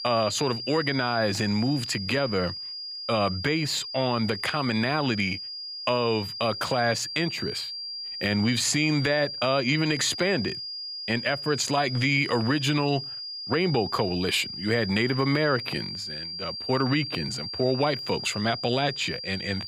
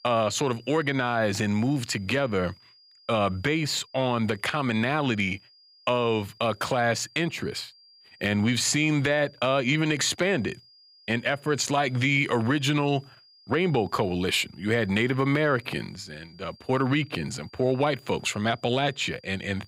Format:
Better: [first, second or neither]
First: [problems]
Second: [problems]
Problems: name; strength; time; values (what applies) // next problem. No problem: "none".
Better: second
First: high-pitched whine; loud; throughout; 5 kHz, 7 dB below the speech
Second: high-pitched whine; faint; throughout; 5 kHz, 30 dB below the speech